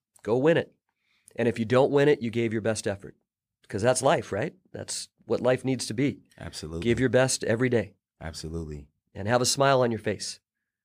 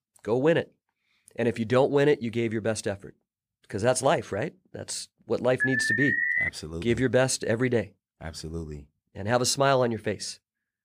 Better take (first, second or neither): first